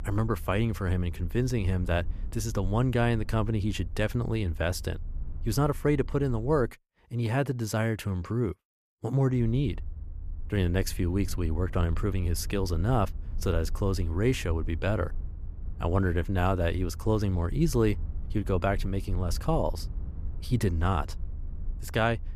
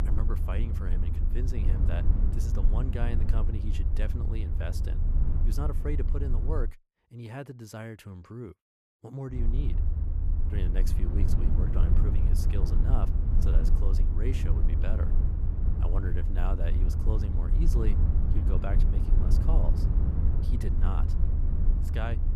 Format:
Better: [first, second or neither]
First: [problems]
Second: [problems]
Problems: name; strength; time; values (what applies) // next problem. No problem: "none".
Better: first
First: low rumble; faint; until 6.5 s and from 9.5 s on; 25 dB below the speech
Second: low rumble; loud; until 6.5 s and from 9.5 s on; 2 dB below the speech